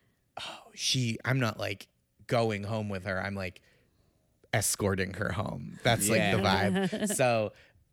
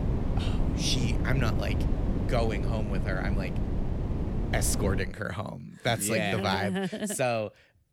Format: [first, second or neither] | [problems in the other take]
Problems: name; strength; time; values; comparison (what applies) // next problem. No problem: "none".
first | wind noise on the microphone; heavy; until 5 s; 7 dB below the speech